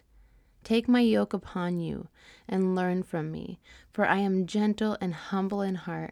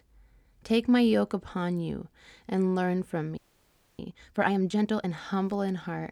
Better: first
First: none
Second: audio freezing; at 3.5 s for 0.5 s

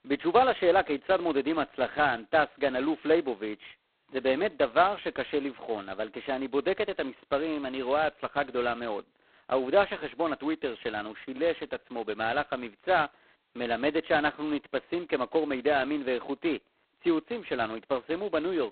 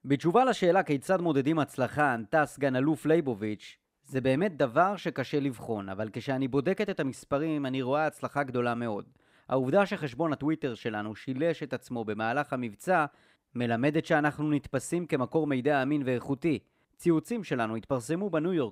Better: second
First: phone-call audio; poor line; nothing above 4 kHz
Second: none

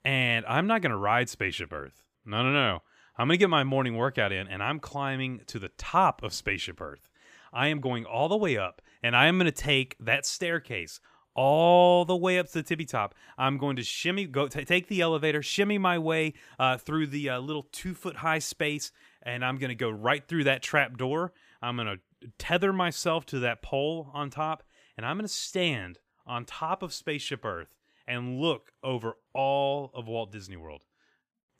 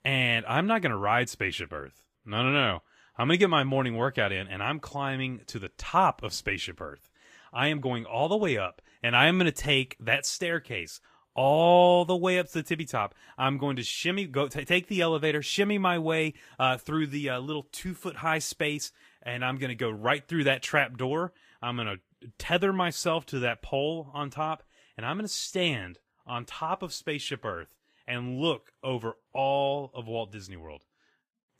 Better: first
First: none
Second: garbled, watery; slightly; nothing above 15 kHz

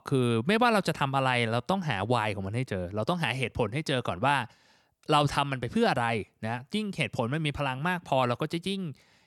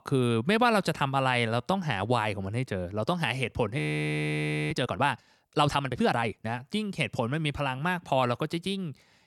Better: first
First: none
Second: audio freezing; at 4 s for 1 s

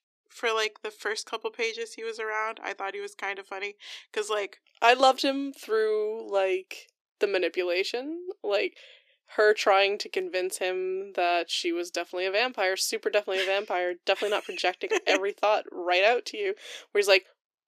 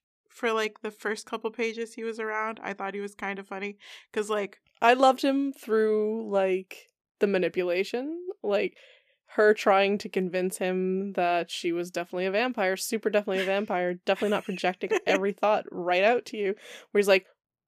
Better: second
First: thin; somewhat; fading below 300 Hz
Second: none

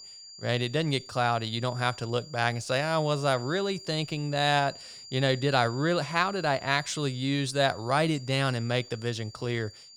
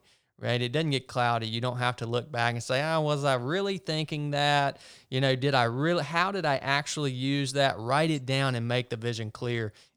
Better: second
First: high-pitched whine; noticeable; throughout; 4.5 kHz, 15 dB below the speech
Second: none

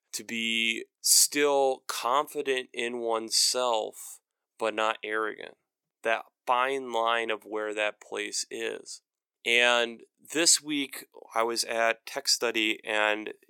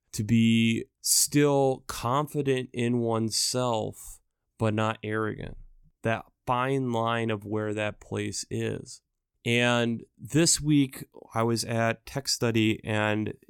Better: second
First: thin; very; fading below 450 Hz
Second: none

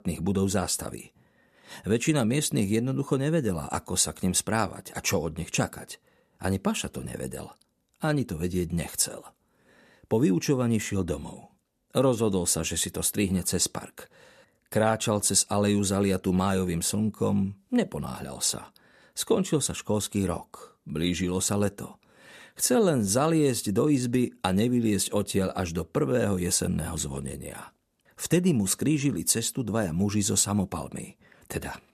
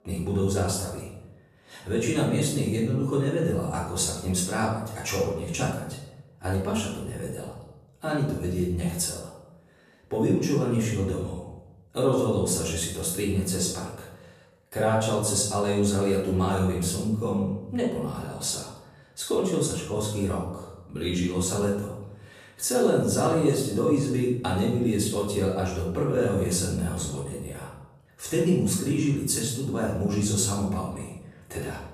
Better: first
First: none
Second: off-mic speech; far // room echo; noticeable; dies away in 0.8 s

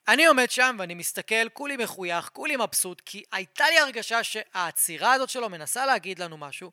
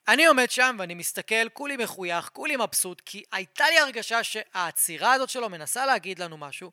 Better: neither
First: thin; very; fading below 700 Hz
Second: thin; very; fading below 700 Hz

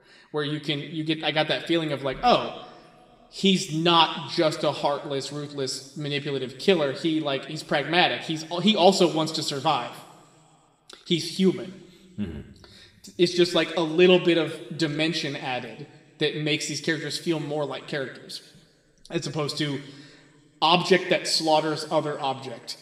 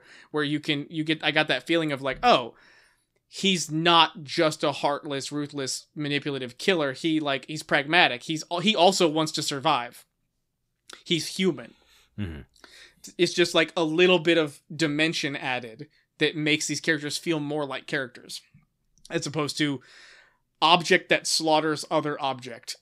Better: second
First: room echo; slight; dies away in 1.4 s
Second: none

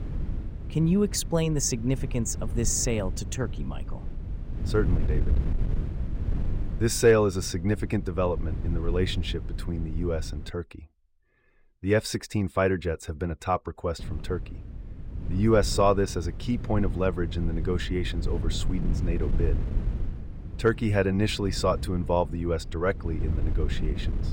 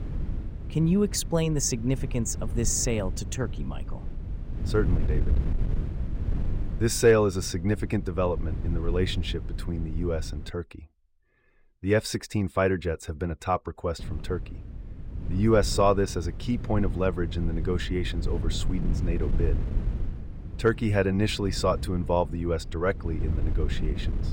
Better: neither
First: wind noise on the microphone; occasional gusts; until 11 s and from 14 s on; 15 dB below the speech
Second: wind noise on the microphone; occasional gusts; until 11 s and from 14 s on; 15 dB below the speech

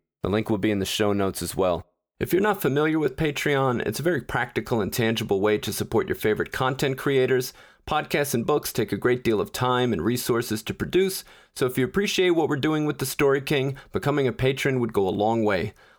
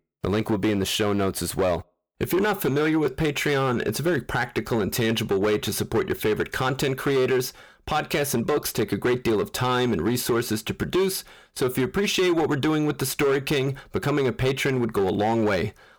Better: first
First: none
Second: distortion; slight; 11% of the sound clipped

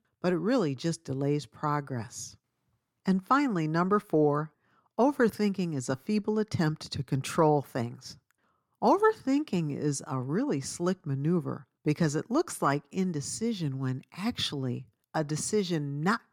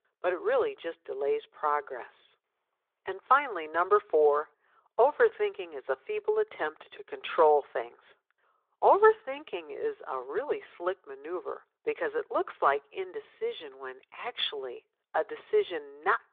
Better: first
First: none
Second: phone-call audio; nothing above 3.5 kHz

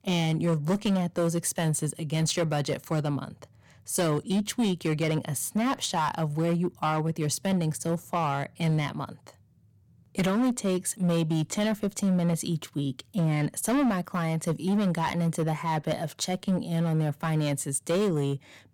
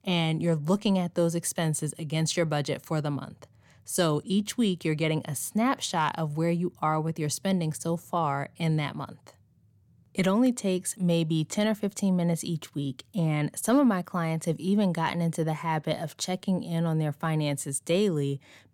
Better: second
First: distortion; slight; 11% of the sound clipped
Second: none

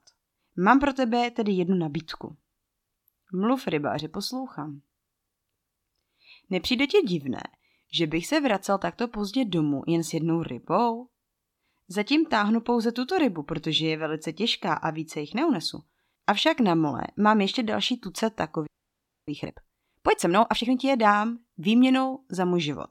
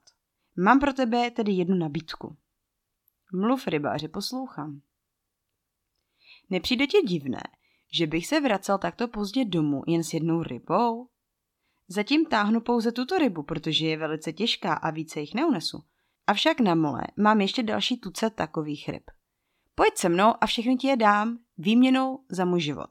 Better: second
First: audio freezing; at 19 s for 0.5 s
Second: none

